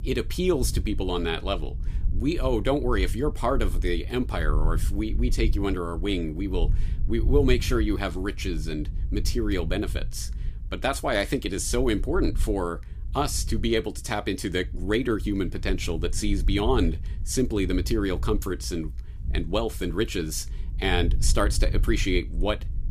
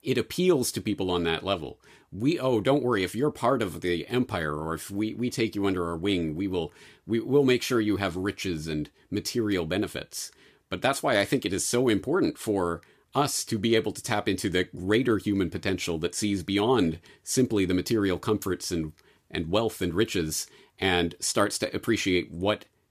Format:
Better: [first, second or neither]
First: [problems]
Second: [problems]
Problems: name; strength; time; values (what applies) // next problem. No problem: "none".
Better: second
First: low rumble; faint; throughout; 20 dB below the speech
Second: none